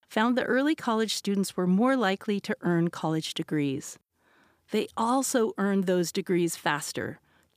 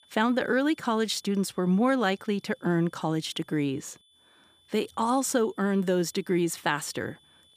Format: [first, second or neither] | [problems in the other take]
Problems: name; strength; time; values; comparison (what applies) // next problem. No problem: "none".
first | high-pitched whine; faint; throughout; 3.5 kHz, 30 dB below the speech